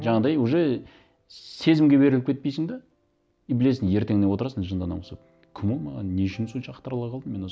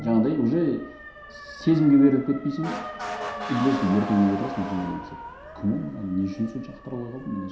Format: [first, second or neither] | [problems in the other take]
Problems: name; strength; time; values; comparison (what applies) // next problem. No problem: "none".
first | background sound (Motor vehicle (road) / Siren); 11 dB below the speech // room echo; dies away in 0.7 s